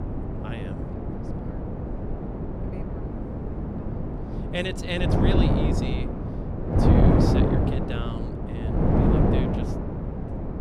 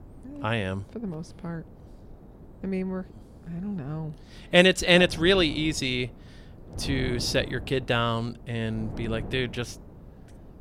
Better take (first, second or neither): second